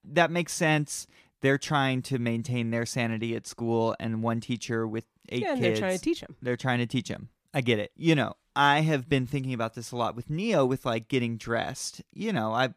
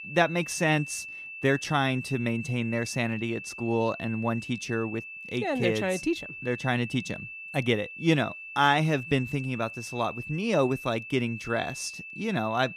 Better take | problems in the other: first | high-pitched whine; noticeable; throughout; 2.5 kHz, 10 dB below the speech

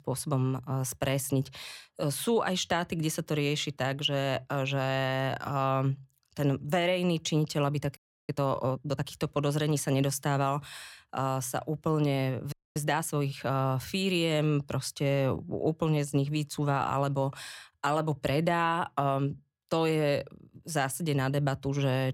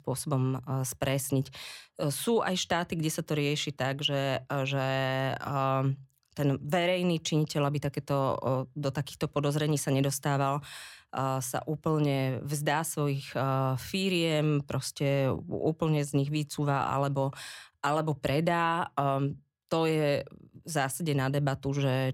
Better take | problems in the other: second | audio freezing; at 8 s and at 13 s

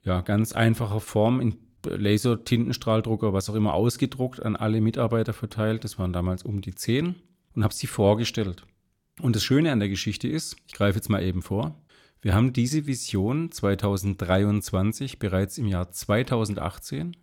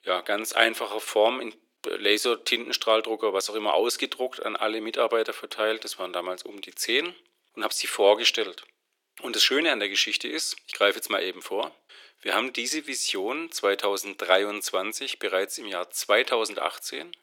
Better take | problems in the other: first | thin; very; fading below 350 Hz

